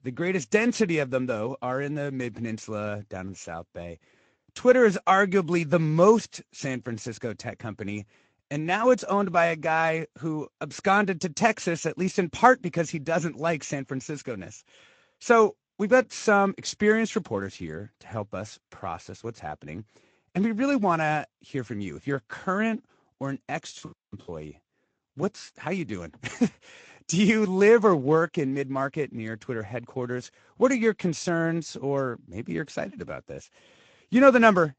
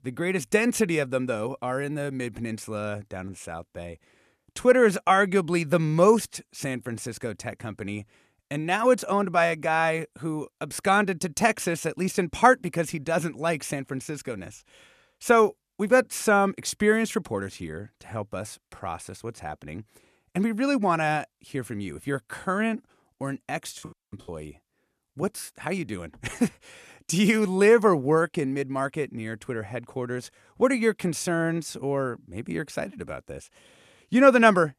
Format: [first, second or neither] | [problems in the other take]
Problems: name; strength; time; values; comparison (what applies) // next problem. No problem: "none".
second | garbled, watery; slightly; nothing above 7.5 kHz